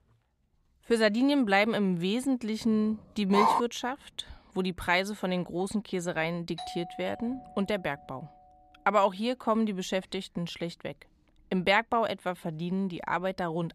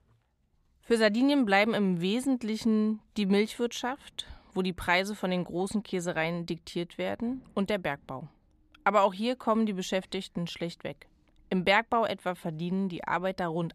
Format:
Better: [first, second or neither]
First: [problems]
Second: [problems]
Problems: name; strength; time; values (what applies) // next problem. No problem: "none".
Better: second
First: dog barking; loud; at 3.5 s; peak 4 dB above the speech // doorbell; faint; from 6.5 to 8.5 s; peak 10 dB below the speech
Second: none